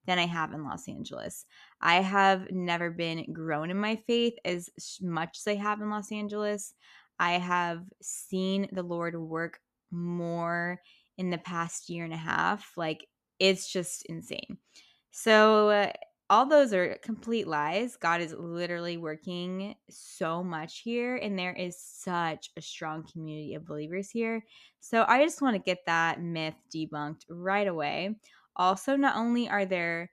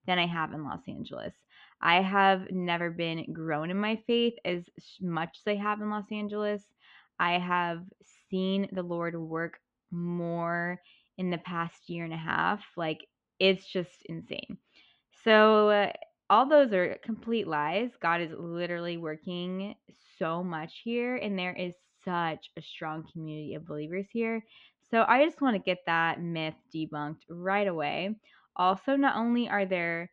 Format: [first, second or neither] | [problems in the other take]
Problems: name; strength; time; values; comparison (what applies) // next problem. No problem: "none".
first | muffled; slightly; fading above 3.5 kHz